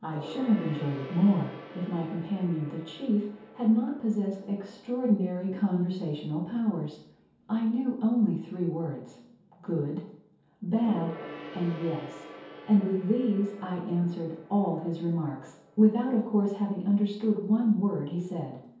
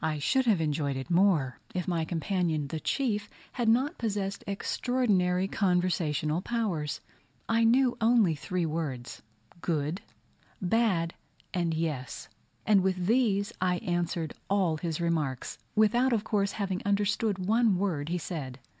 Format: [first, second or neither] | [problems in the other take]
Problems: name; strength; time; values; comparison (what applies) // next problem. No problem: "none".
second | background sound (Gong); 19 dB below the speech // room echo; dies away in 0.7 s